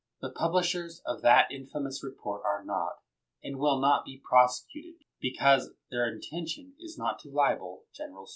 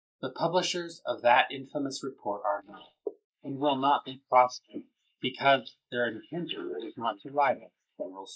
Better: first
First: none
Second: noise reduction (neural mask model Resemble Enhance denoiser)

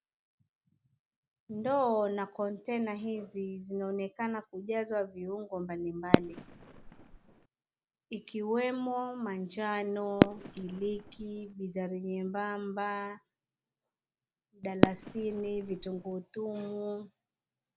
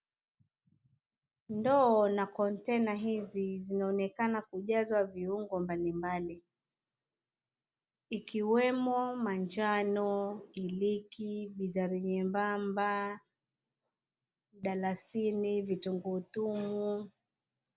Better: second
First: background sound (Fireworks); 5 dB above the speech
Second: none

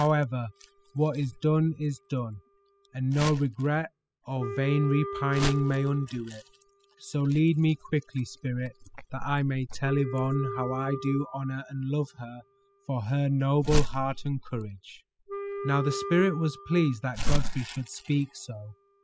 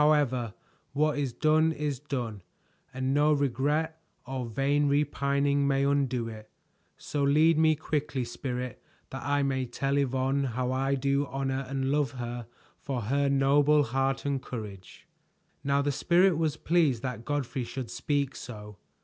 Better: second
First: noise reduction (classical method spectral subtraction)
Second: none

